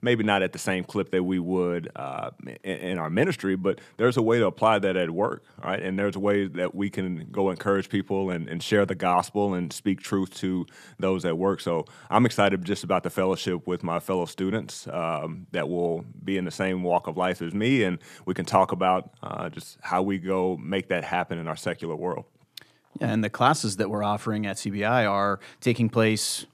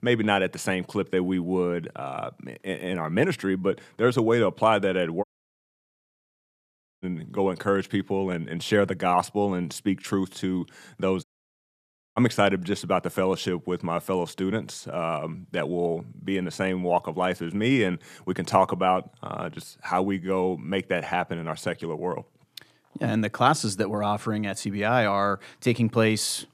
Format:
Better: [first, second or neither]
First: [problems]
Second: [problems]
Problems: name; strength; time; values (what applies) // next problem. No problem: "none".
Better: first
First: none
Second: audio cutting out; at 5 s for 2 s and at 11 s for 1 s